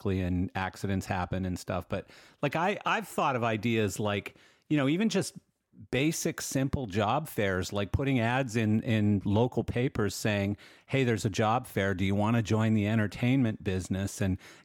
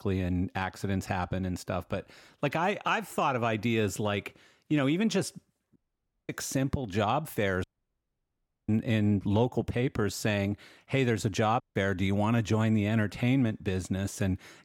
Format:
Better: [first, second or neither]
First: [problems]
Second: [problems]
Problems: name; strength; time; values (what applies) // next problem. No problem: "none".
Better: first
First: none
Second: audio cutting out; at 6 s for 0.5 s, at 7.5 s for 1 s and at 12 s